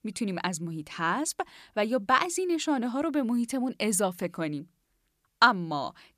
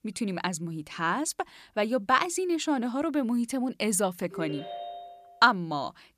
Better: first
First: none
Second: phone ringing; faint; from 4.5 to 5.5 s; peak 10 dB below the speech

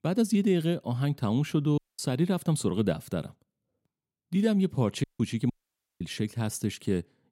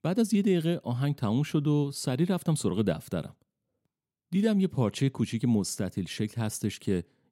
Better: second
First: audio cutting out; at 2 s, at 5 s and at 5.5 s for 0.5 s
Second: none

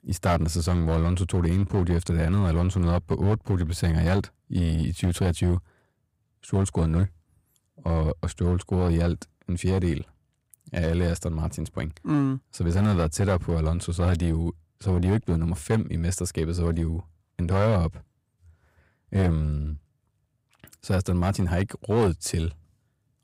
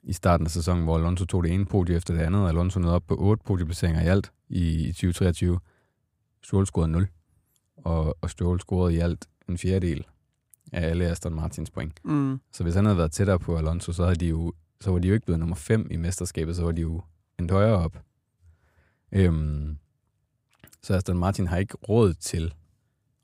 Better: second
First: distortion; slight; 5% of the sound clipped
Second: none

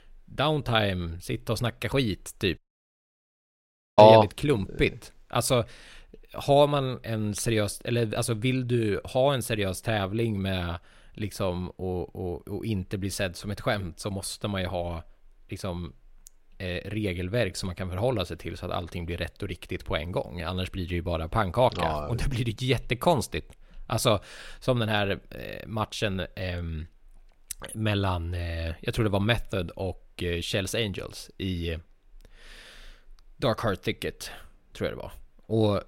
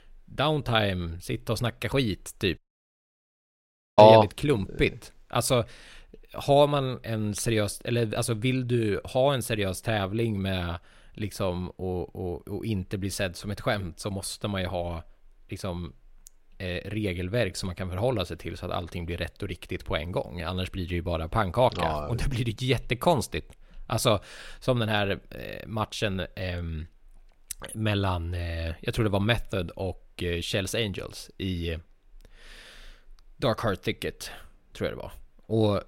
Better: neither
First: audio cutting out; at 2.5 s for 1.5 s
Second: audio cutting out; at 2.5 s for 1.5 s

